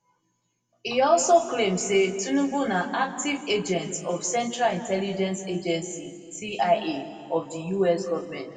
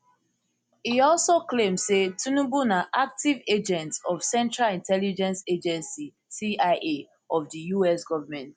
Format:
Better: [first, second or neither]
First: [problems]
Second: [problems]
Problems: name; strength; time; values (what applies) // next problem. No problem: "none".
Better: second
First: room echo; dies away in 2.1 s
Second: none